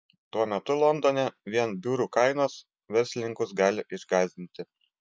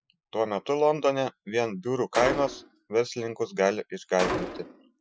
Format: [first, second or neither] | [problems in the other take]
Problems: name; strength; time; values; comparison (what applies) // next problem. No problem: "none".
first | noise reduction (classical method Wiener filter)